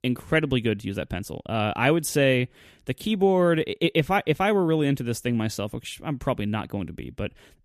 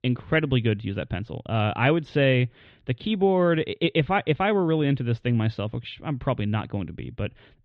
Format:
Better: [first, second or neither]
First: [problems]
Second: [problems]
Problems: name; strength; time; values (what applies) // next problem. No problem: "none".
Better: first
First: none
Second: muffled; very; fading above 4 kHz